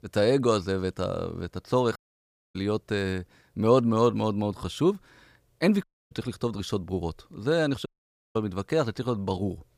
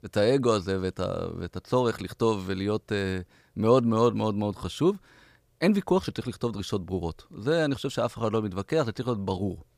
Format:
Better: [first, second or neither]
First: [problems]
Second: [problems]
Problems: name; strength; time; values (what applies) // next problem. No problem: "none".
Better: second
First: audio cutting out; at 2 s for 0.5 s, at 6 s and at 8 s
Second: none